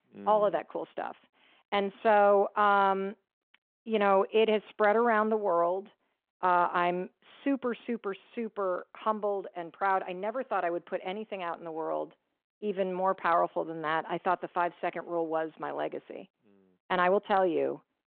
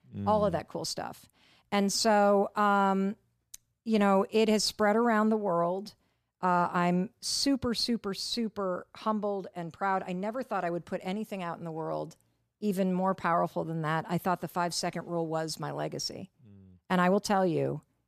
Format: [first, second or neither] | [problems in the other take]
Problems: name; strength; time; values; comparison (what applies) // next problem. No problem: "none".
second | phone-call audio